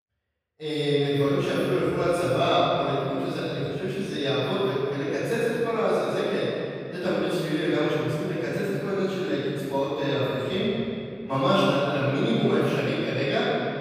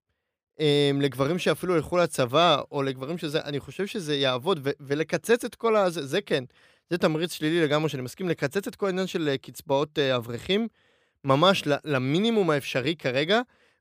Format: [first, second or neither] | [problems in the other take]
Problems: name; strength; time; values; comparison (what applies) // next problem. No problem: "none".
second | off-mic speech; far // room echo; strong; dies away in 2.8 s